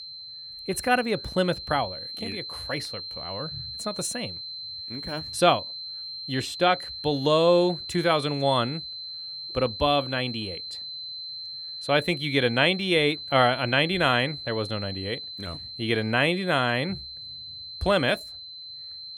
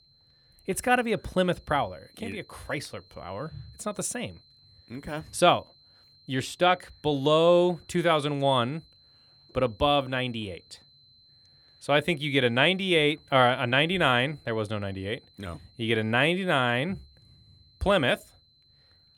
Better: second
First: high-pitched whine; loud; throughout; 4 kHz, 10 dB below the speech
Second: high-pitched whine; faint; throughout; 4 kHz, 30 dB below the speech

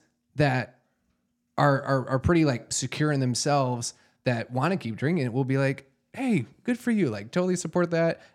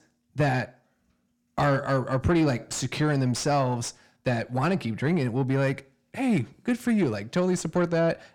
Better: first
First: none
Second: distortion; slight; 10 dB below the speech

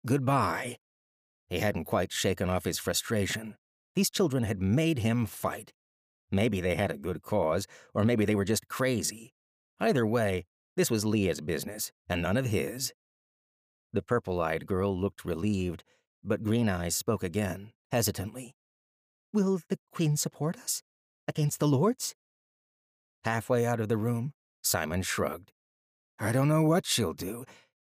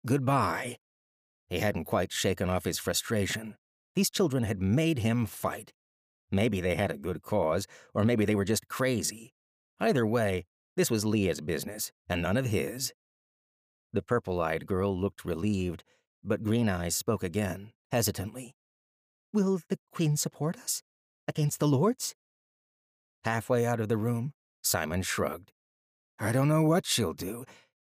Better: neither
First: none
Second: none

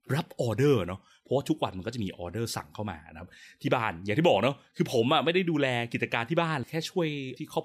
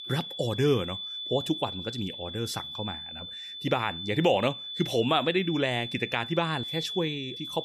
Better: first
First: none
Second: high-pitched whine; loud; throughout; 3.5 kHz, 7 dB below the speech

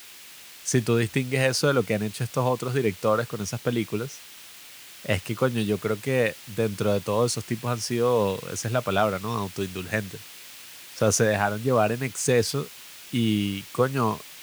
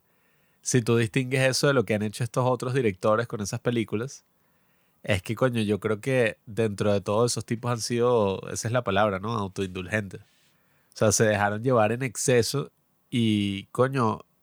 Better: second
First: hiss; noticeable; throughout; 15 dB below the speech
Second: none

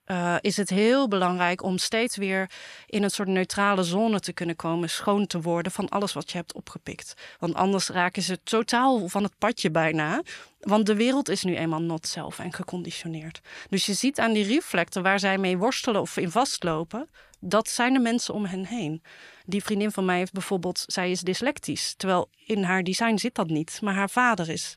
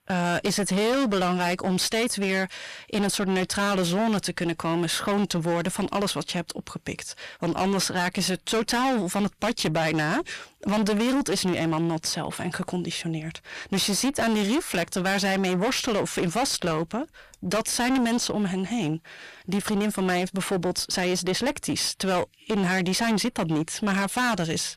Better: first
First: none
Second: distortion; heavy; 23% of the sound clipped

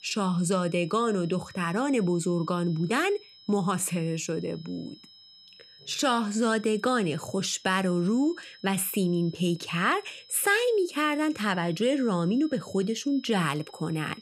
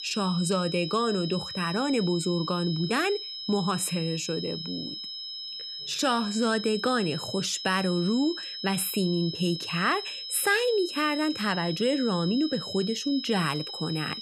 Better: first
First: high-pitched whine; faint; throughout; 5 kHz, 25 dB below the speech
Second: high-pitched whine; loud; throughout; 5 kHz, 7 dB below the speech

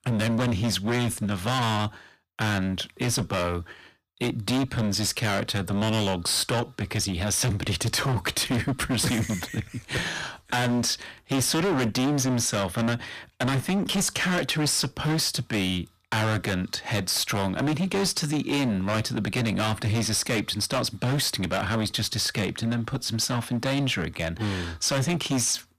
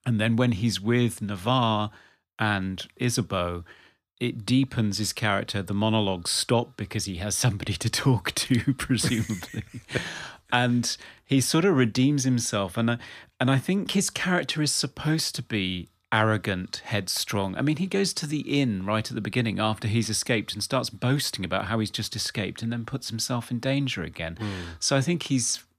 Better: second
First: distortion; heavy; 22% of the sound clipped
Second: none

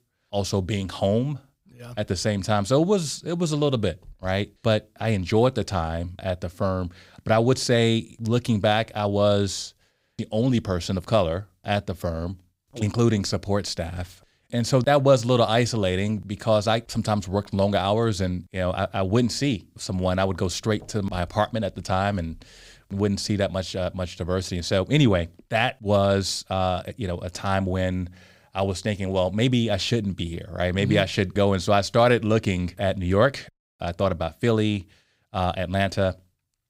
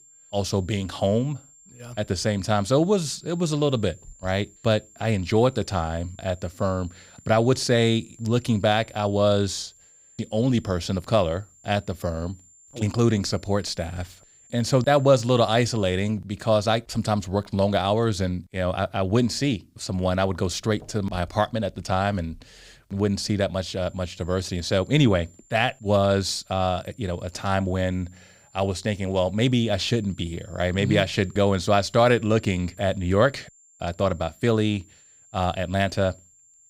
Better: first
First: none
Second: high-pitched whine; faint; until 16 s and from 24 s on; 7.5 kHz, 25 dB below the speech

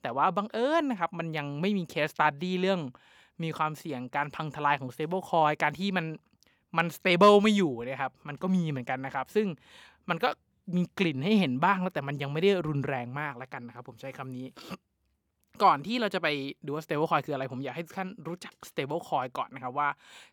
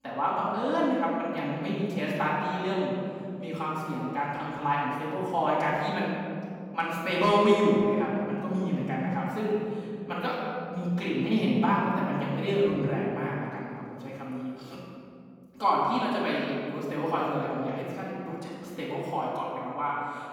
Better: first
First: none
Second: room echo; strong; dies away in 2.5 s // off-mic speech; far

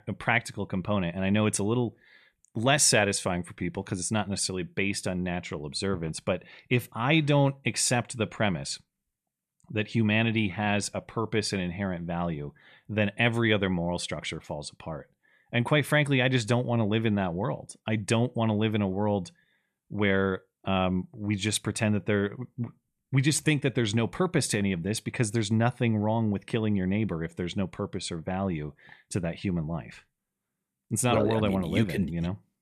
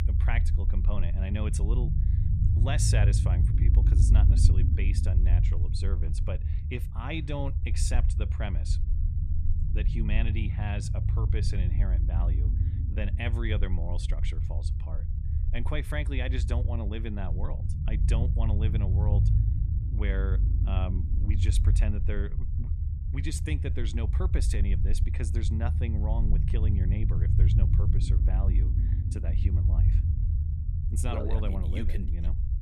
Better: first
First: none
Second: low rumble; loud; throughout; 4 dB below the speech

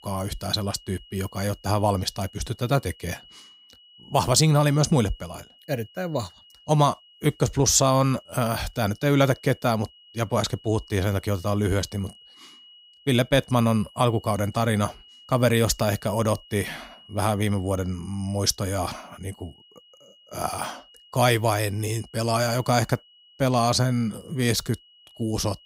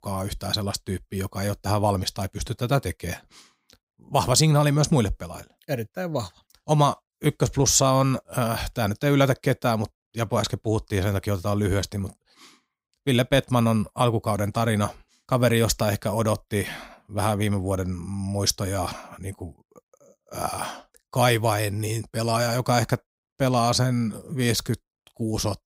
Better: second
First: high-pitched whine; faint; throughout; 3 kHz, 25 dB below the speech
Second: none

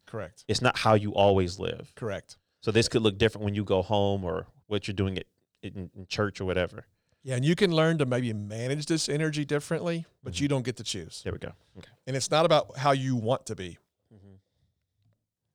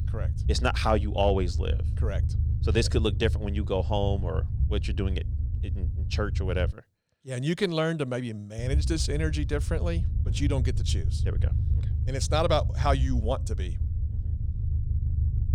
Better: first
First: none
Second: low rumble; noticeable; until 6.5 s and from 8.5 s on; 15 dB below the speech

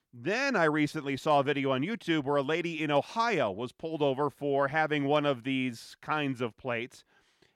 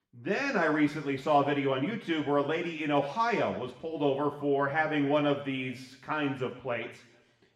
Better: first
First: none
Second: room echo; slight; dies away in 0.8 s // off-mic speech; somewhat distant

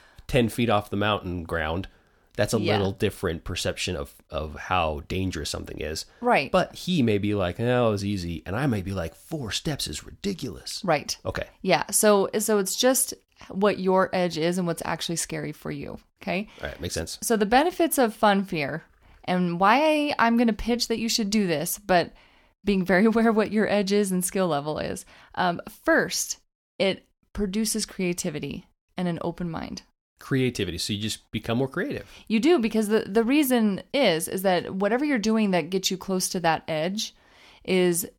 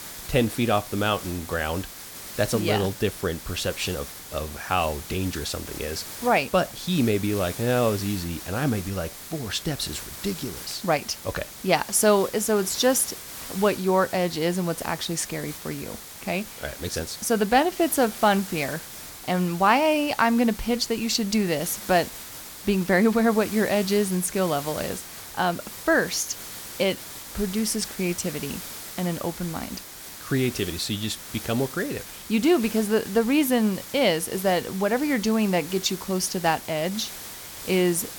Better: first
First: none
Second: hiss; noticeable; throughout; 10 dB below the speech

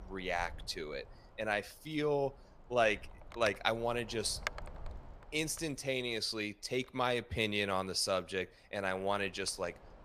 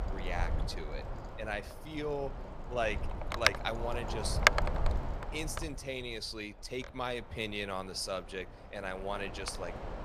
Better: first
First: wind noise on the microphone; occasional gusts; 15 dB below the speech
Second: wind noise on the microphone; heavy; 4 dB above the speech

